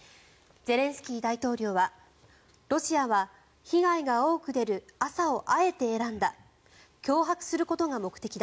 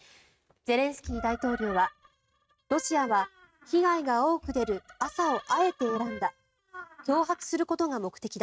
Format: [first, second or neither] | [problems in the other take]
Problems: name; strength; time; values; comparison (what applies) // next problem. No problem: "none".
first | noise reduction (neural mask model RNNoise)